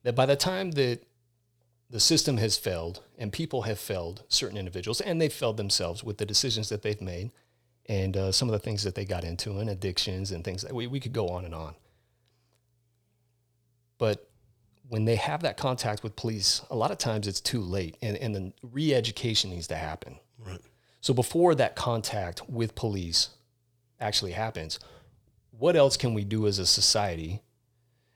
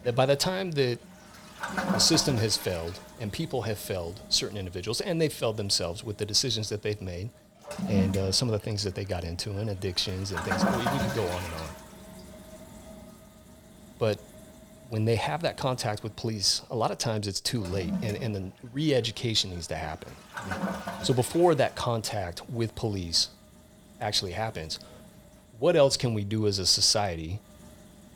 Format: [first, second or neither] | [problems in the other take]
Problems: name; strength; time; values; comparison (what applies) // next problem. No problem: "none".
first | household noises; loud; throughout; 7 dB below the speech